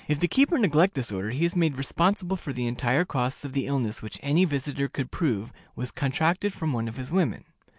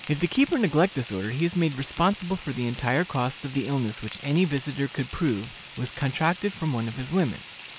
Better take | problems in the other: first | background sound (Frying (food)); 17 dB below the speech

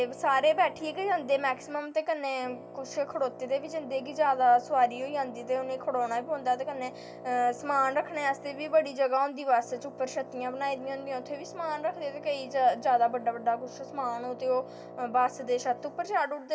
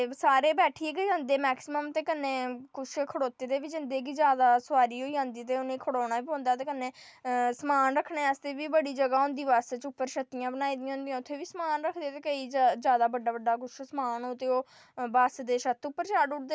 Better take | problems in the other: second | background sound (Wind instrument, woodwind instrument); 16 dB below the speech // room echo; dies away in 1.6 s

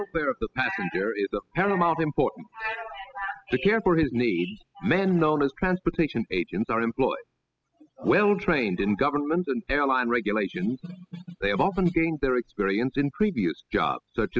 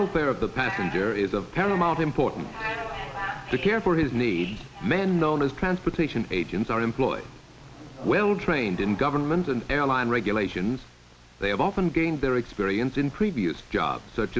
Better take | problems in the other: second | noise reduction (classical method spectral subtraction)

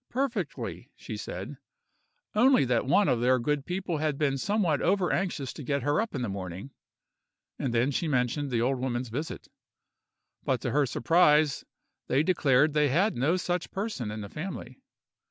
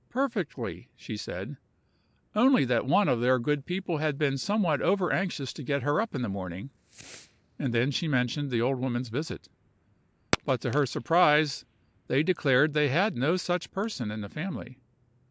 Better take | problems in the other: first | background sound (Fireworks); 18 dB below the speech

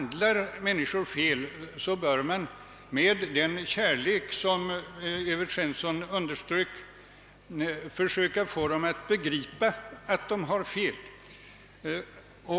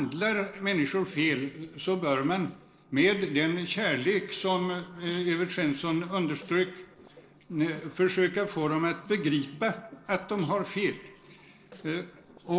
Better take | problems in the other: first | noise reduction (neural separator model SepFormer DNS4)

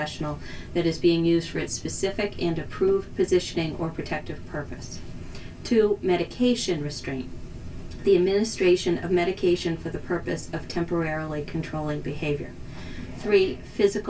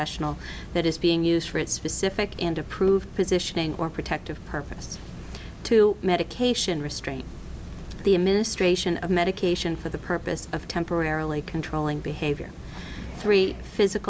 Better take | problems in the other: second | room echo; dies away in 0.1 s

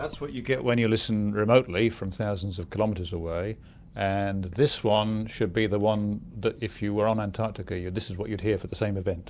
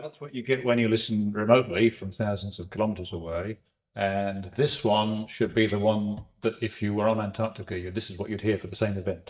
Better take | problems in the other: first | noise reduction (neural mask model DeepFilterNet 3)

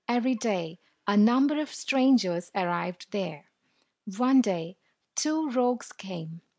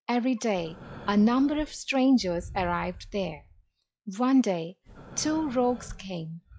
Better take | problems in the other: first | noise reduction (classical method log-MMSE)

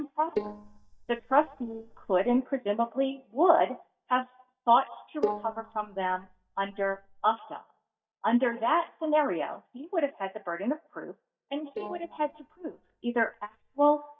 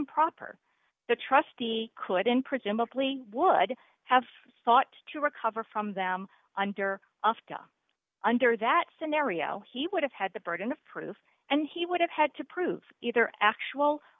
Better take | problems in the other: second | noise reduction (neural mask model DeepFilterNet 3)

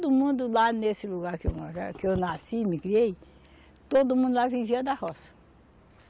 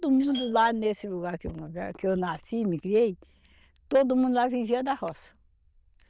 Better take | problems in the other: first | noise reduction (neural diffusion model UNIVERSE++)

